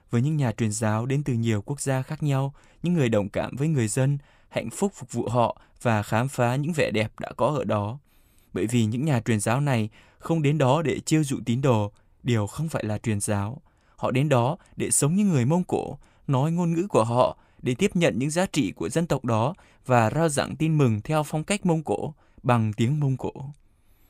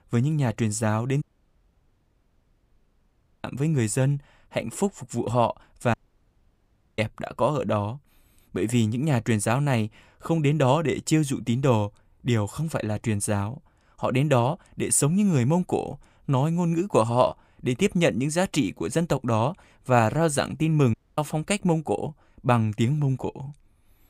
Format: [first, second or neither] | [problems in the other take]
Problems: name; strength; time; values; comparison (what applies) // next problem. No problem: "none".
first | audio cutting out; at 1 s for 2 s, at 6 s for 1 s and at 21 s